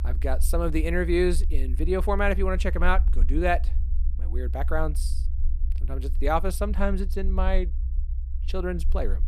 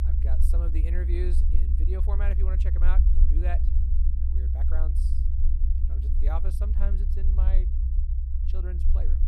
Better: first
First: low rumble; faint; throughout; 20 dB below the speech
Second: low rumble; loud; throughout; 4 dB below the speech

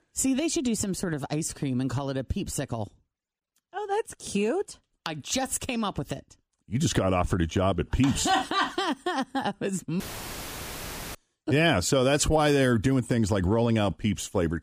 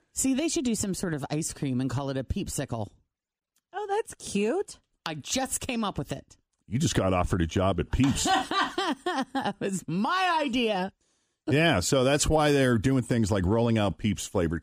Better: second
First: audio cutting out; filled with static; at 10 s for 1 s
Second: none

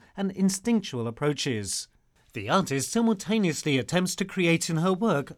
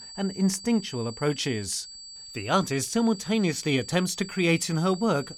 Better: first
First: none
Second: high-pitched whine; noticeable; throughout; 4.5 kHz, 15 dB below the speech

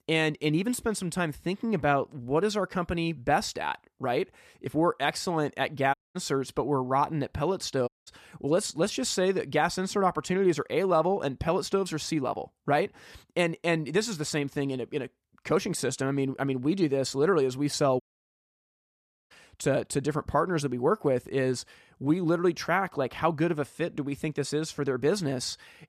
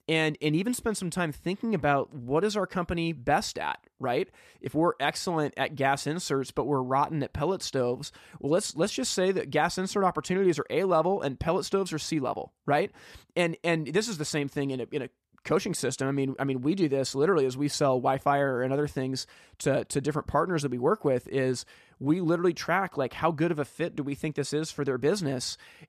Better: second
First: audio cutting out; at 6 s, at 8 s and at 18 s for 1.5 s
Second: none

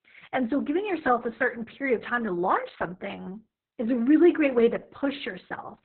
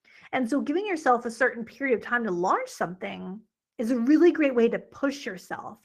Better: second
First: garbled, watery; badly; nothing above 4 kHz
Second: garbled, watery; slightly; nothing above 14.5 kHz

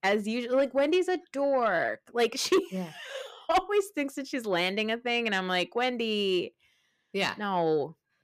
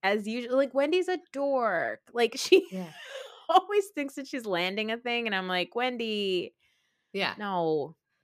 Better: second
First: distortion; slight; 10 dB below the speech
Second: none

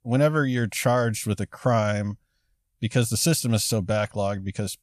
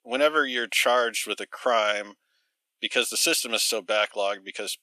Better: first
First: none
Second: thin; very; fading below 300 Hz

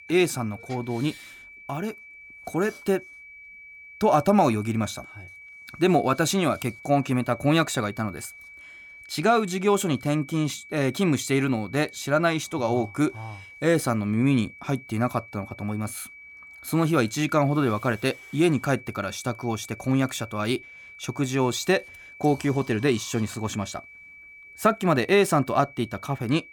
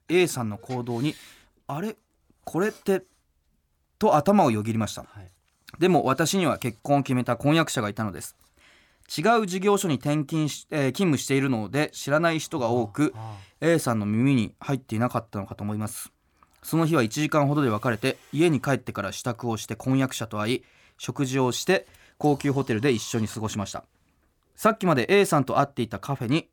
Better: second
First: high-pitched whine; noticeable; throughout; 2.5 kHz, 20 dB below the speech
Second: none

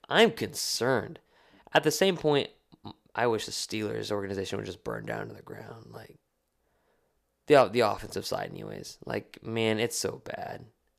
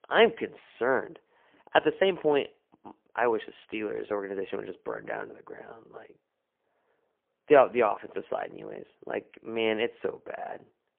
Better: first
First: none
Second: phone-call audio; poor line; nothing above 3 kHz

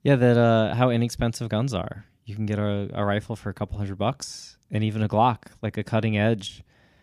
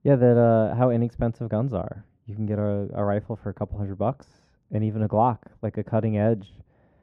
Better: first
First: none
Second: muffled; very; fading above 2.5 kHz

